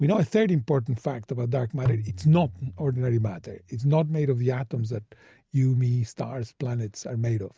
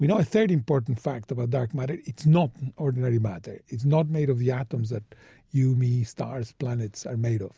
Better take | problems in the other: second | noise reduction (neural mask model RNNoise)

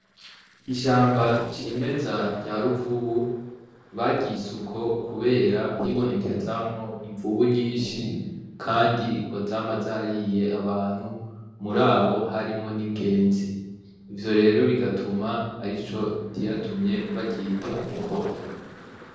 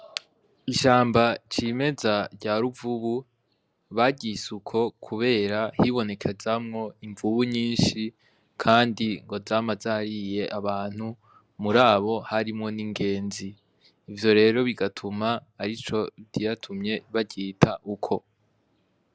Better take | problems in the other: second | noise reduction (neural separator model SepFormer DNS4)

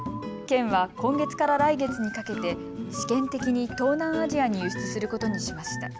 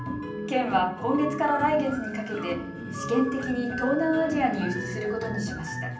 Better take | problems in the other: first | background sound (Wind instrument, woodwind instrument); 18 dB below the speech // room echo; dies away in 0.6 s

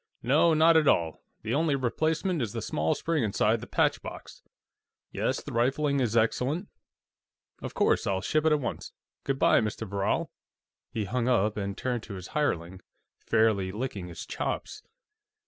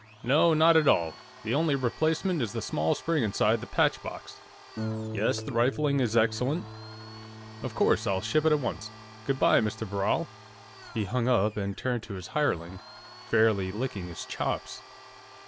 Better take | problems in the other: first | background sound (Domestic sounds, home sounds + Harp); 15 dB below the speech

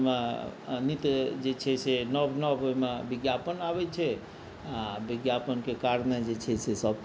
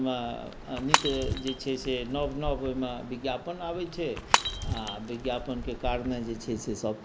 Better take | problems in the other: first | background sound (Shatter / Crushing); 1 dB below the speech

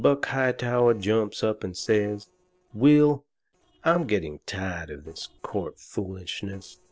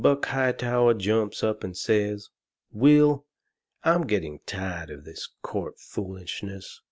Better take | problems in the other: second | noise reduction (neural separator model SepFormer DNS4)

